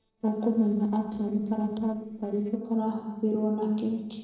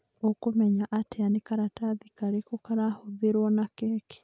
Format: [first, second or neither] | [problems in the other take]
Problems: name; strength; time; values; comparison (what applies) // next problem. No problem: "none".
second | noise reduction (neural separator model SepFormer DNS4)